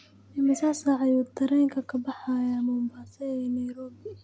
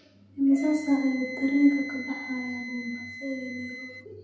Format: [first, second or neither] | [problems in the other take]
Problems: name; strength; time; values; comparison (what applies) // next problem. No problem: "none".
first | background sound (Wind instrument, woodwind instrument); 12 dB below the speech // room echo; dies away in 0.8 s